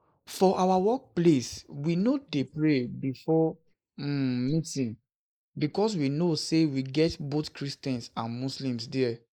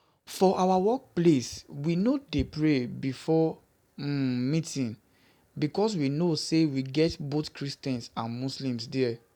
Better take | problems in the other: second | noise reduction (neural mask model Resemble Enhance denoiser)

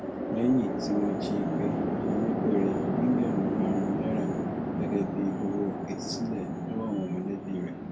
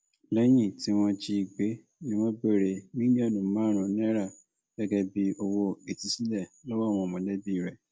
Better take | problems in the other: second | background sound (Chatter / Traffic noise, roadway noise / Train); 1 dB above the speech // room echo; dies away in 0.2 s

